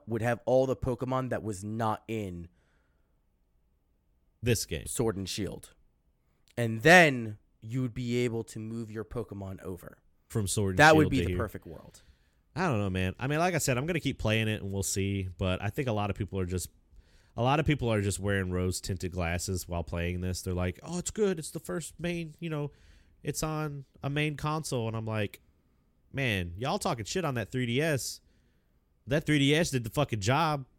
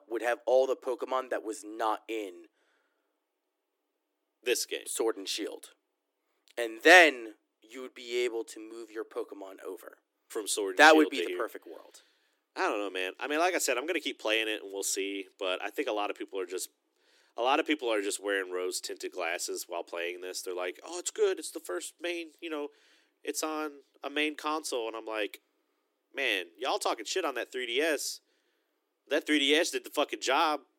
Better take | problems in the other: first | thin; very; fading below 300 Hz

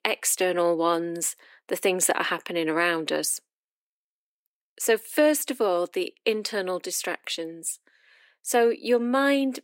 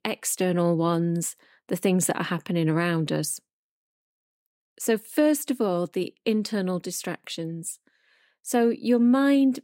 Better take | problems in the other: second | thin; somewhat; fading below 350 Hz

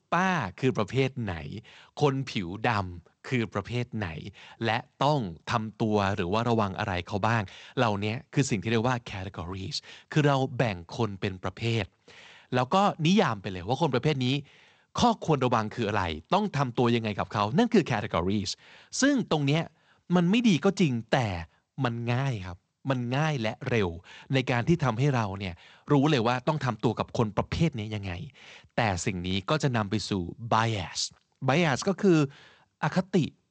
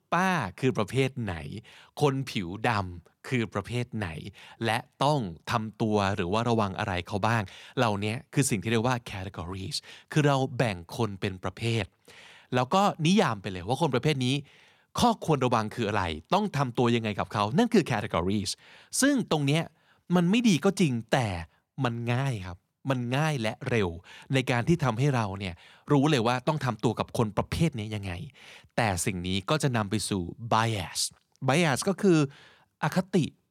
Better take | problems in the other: second | garbled, watery; slightly; nothing above 8 kHz

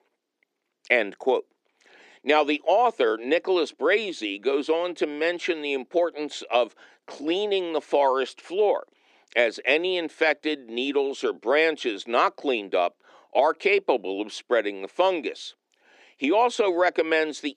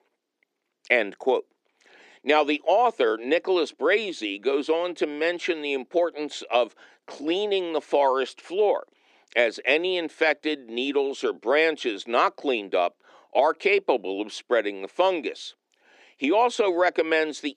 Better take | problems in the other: neither | thin; very slightly; fading below 300 Hz; the same in both

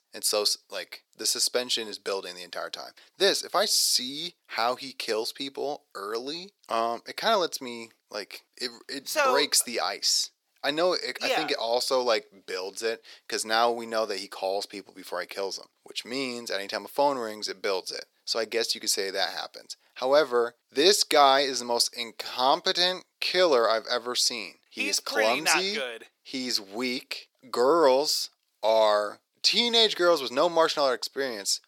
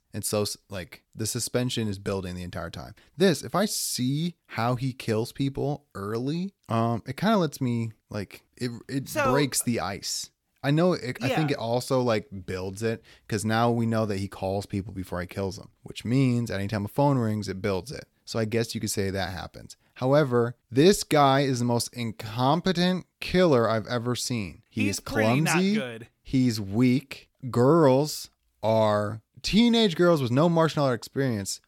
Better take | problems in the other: second | thin; very; fading below 450 Hz

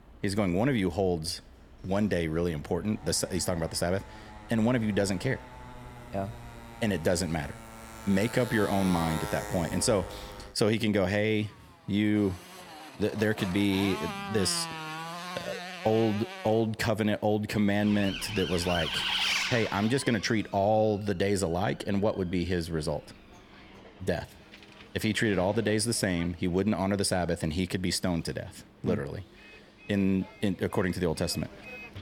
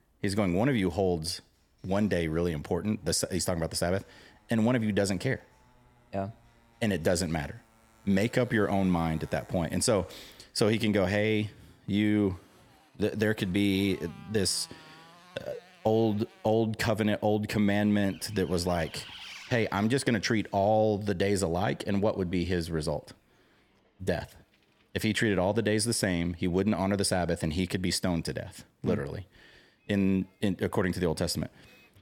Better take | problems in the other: second | traffic noise; loud; throughout; 9 dB below the speech; faint in the second

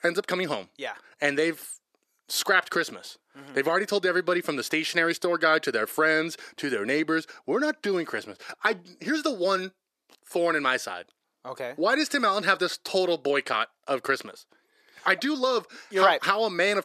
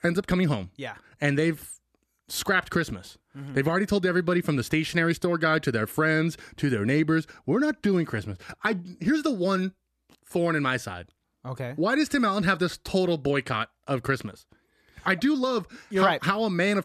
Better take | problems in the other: second | thin; somewhat; fading below 450 Hz

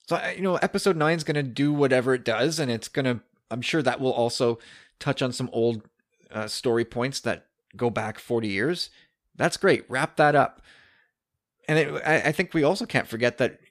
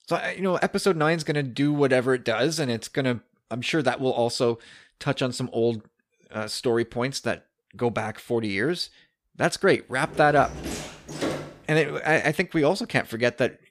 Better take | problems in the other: first | door banging; noticeable; from 10 to 12 s; peak 5 dB below the speech

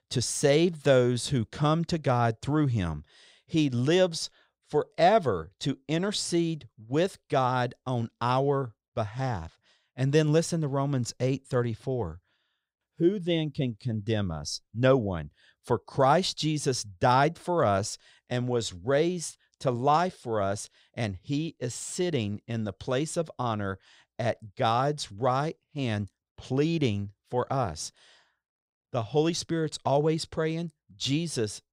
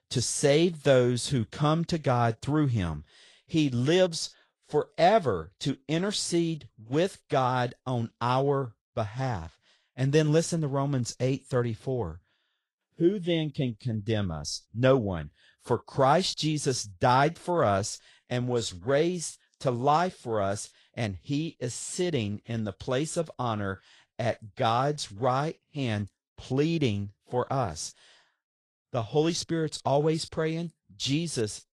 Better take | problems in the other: first | garbled, watery; slightly

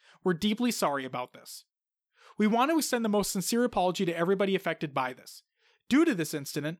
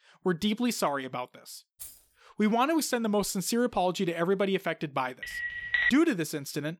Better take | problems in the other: first | jangling keys; faint; at 2 s; peak 15 dB below the speech // phone ringing; loud; at 5 s; peak 2 dB above the speech

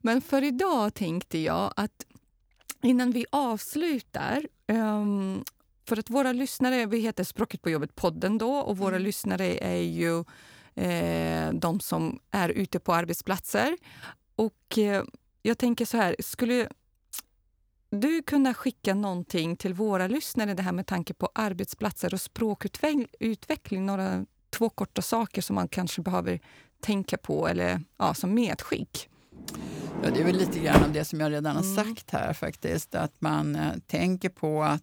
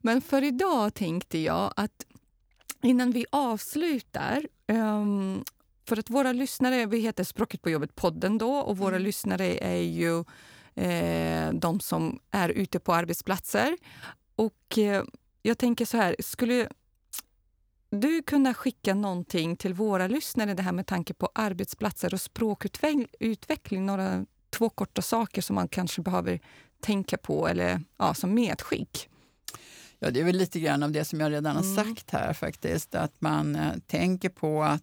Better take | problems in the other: second | door banging; loud; at 30 s; peak 6 dB above the speech

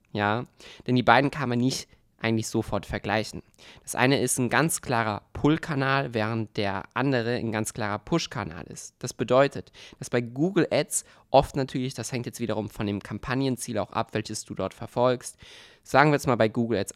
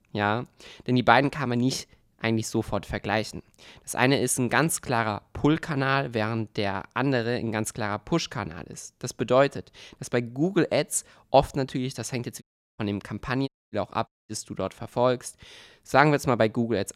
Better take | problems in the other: first | audio cutting out; at 12 s, at 13 s and at 14 s

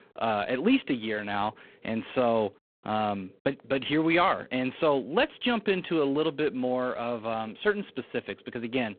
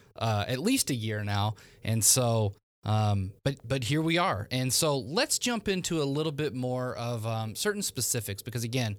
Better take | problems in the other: second | phone-call audio; poor line

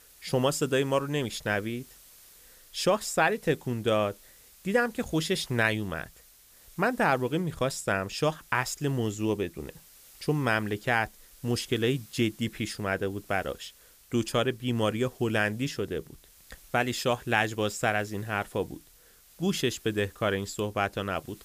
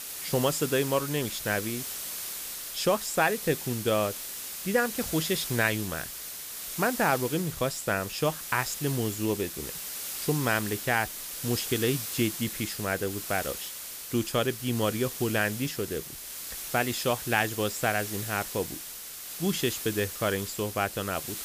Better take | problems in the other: first | hiss; loud; throughout; 6 dB below the speech; faint in the first

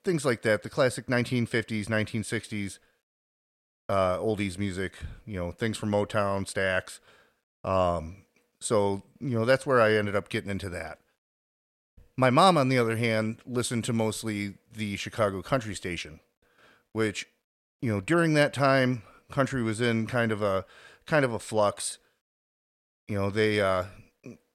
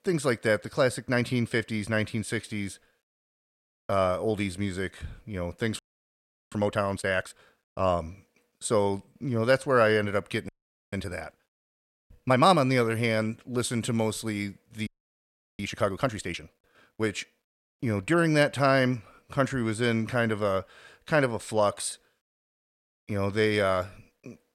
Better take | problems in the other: first | audio freezing; at 6 s for 0.5 s, at 10 s and at 15 s for 0.5 s

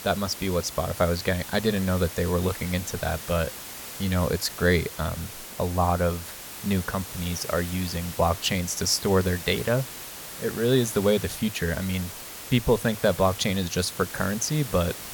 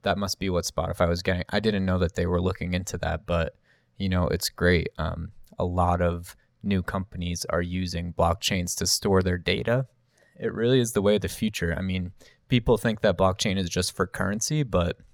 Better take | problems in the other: second | hiss; noticeable; throughout; 10 dB below the speech

